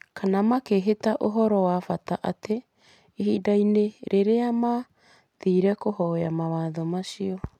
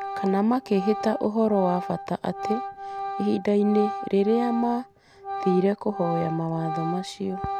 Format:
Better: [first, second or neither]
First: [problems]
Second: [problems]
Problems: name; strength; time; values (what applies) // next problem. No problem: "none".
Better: first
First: none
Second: background sound (Organ); 8 dB below the speech